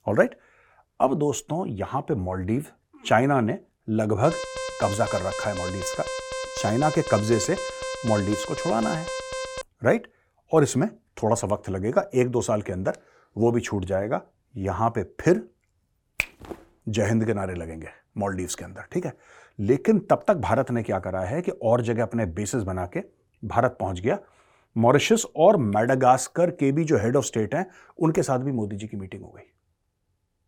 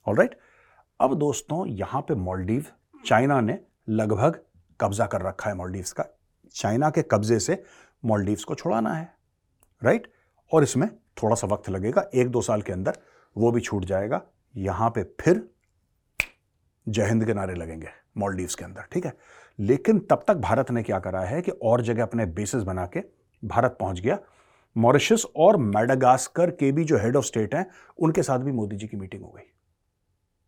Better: second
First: alarm; noticeable; from 4 to 9.5 s; peak 7 dB below the speech // footsteps; faint; at 16 s; peak 20 dB below the speech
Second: none

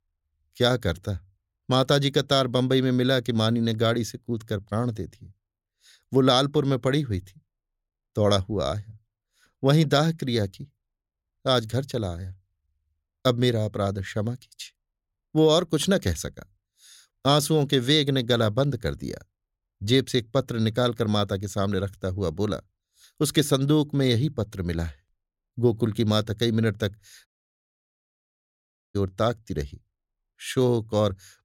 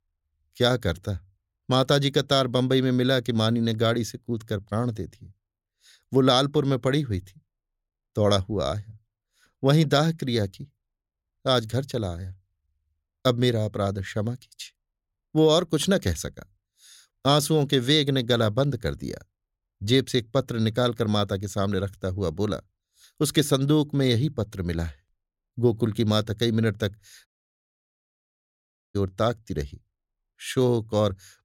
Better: neither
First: audio cutting out; at 27 s for 1.5 s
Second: audio cutting out; at 27 s for 1.5 s

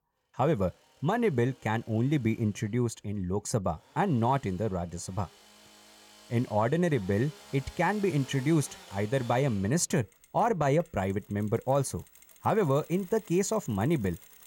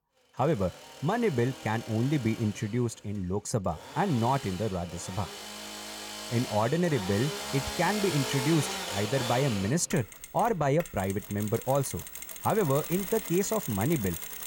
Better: first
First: machinery noise; faint; throughout; 25 dB below the speech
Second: machinery noise; loud; throughout; 8 dB below the speech

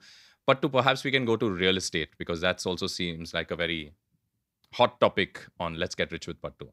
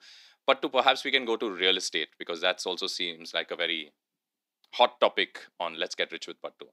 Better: first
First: none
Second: thin; somewhat; fading below 250 Hz

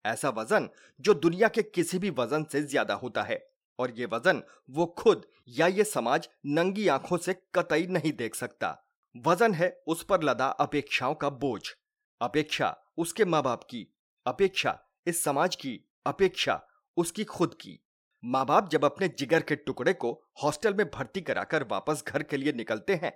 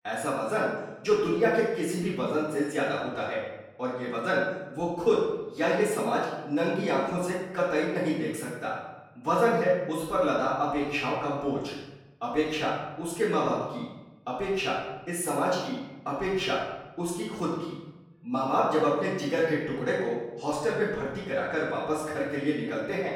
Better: first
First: none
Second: off-mic speech; far // room echo; noticeable; dies away in 0.9 s

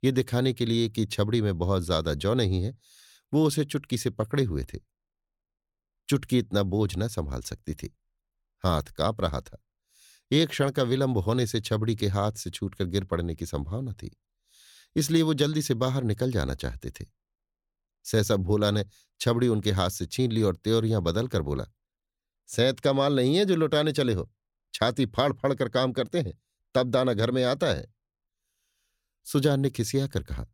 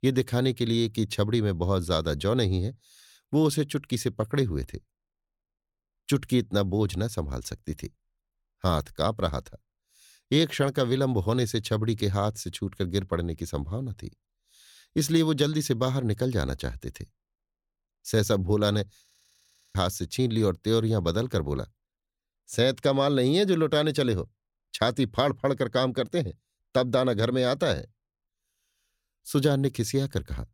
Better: first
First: none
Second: audio freezing; at 19 s for 0.5 s

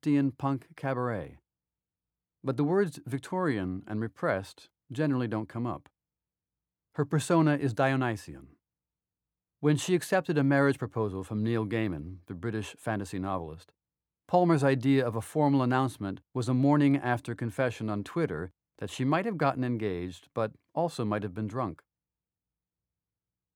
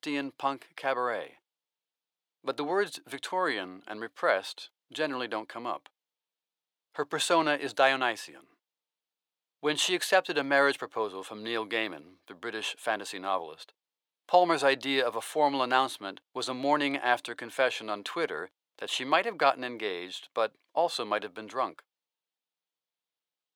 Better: first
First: none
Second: thin; very; fading below 600 Hz

